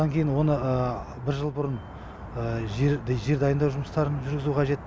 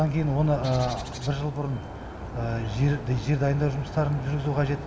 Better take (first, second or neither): first